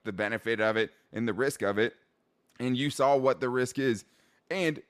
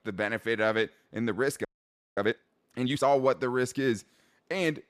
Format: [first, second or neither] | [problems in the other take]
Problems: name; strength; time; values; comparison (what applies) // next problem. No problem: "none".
first | audio freezing; at 1.5 s for 0.5 s